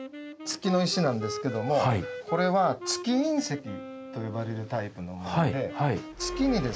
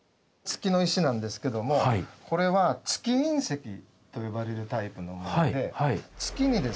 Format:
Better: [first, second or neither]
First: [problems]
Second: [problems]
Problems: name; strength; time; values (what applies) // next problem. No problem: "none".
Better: second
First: background sound (Wind instrument, woodwind instrument); 11 dB below the speech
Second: none